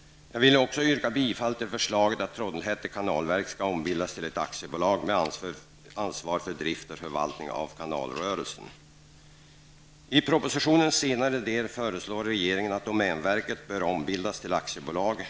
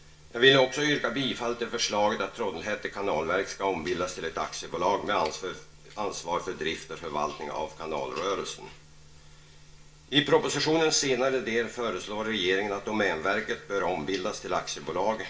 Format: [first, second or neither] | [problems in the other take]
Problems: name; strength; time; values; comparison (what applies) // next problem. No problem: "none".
first | room echo; dies away in 0.2 s